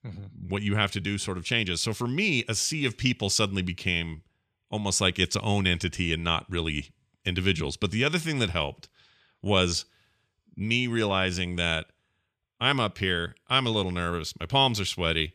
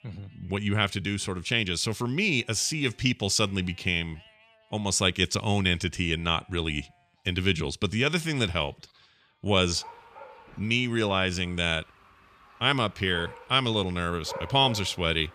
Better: first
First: none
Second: animal sounds; faint; throughout; 20 dB below the speech

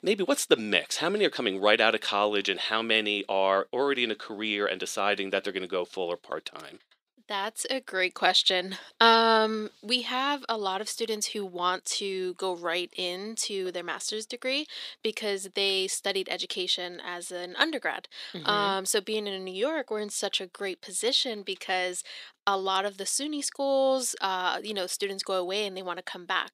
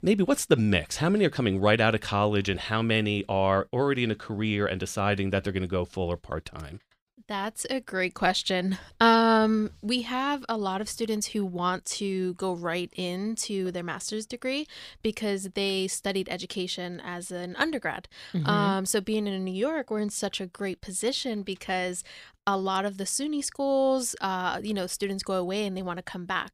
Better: second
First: thin; somewhat; fading below 300 Hz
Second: none

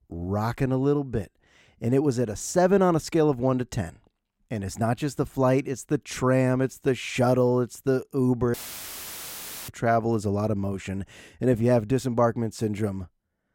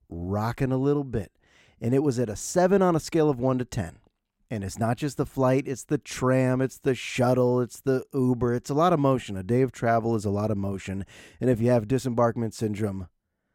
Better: second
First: audio cutting out; filled with static; at 8.5 s for 1 s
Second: none

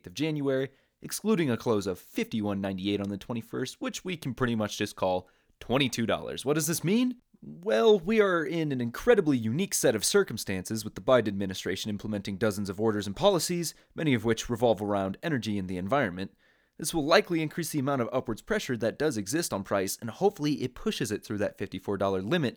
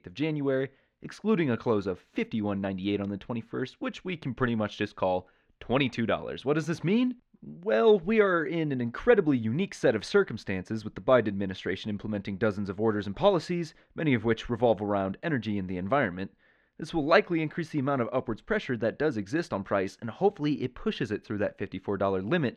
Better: first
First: none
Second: muffled; slightly; fading above 2.5 kHz

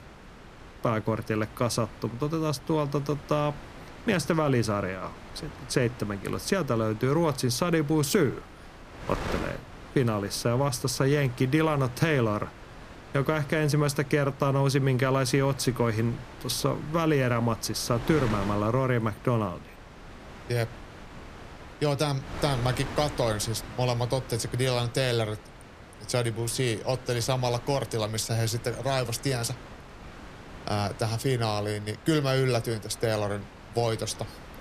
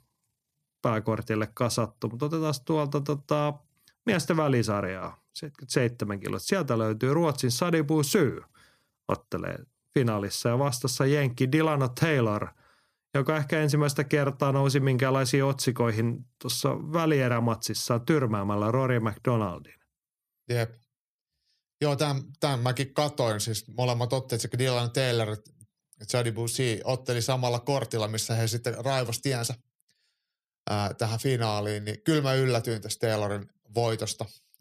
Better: second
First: wind noise on the microphone; occasional gusts; 15 dB below the speech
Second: none

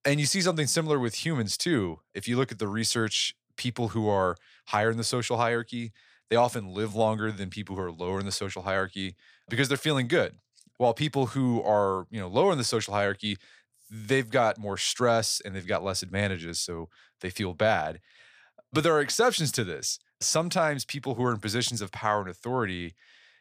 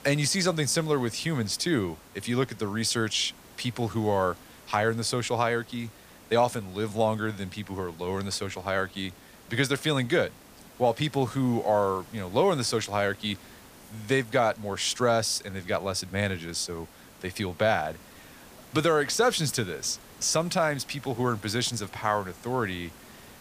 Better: first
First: none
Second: hiss; faint; throughout; 20 dB below the speech

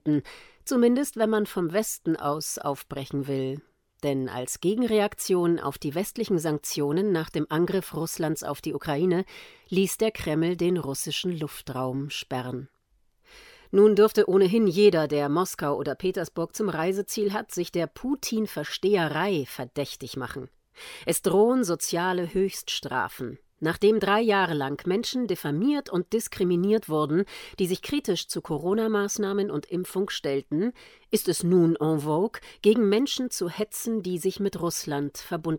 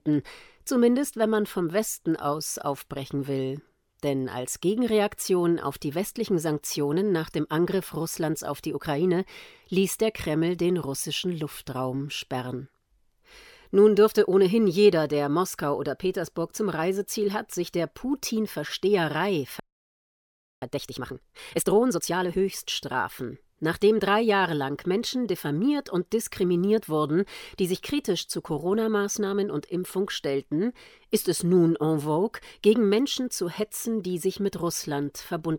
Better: first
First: none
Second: audio freezing; at 20 s for 1 s

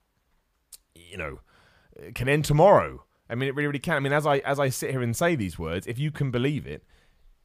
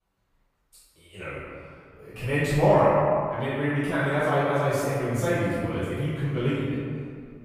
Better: first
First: none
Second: off-mic speech; far // room echo; strong; dies away in 2 s

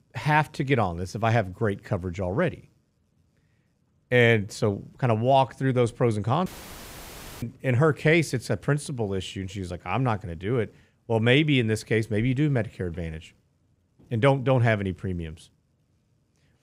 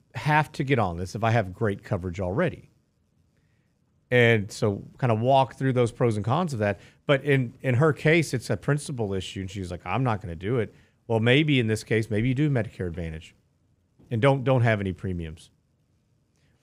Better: second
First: audio cutting out; filled with static; at 6.5 s for 1 s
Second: none

